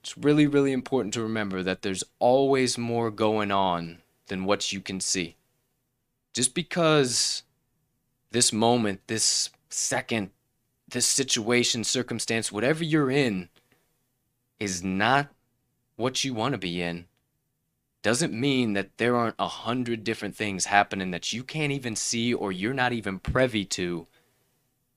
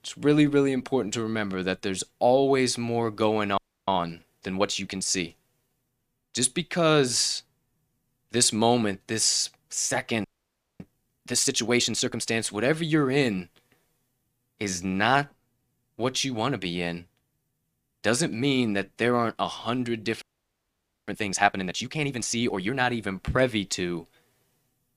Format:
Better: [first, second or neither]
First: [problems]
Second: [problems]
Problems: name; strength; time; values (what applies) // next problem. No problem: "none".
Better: first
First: none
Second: audio freezing; at 3.5 s, at 10 s for 0.5 s and at 20 s for 1 s